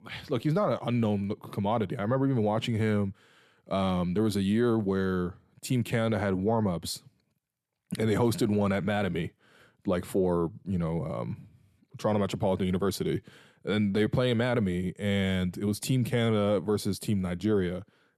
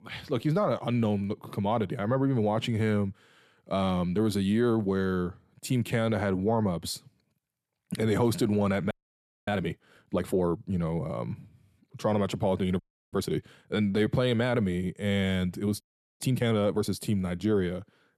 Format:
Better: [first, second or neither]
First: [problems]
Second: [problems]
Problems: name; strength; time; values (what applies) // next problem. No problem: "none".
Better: first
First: none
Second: audio freezing; at 9 s for 0.5 s, at 13 s and at 16 s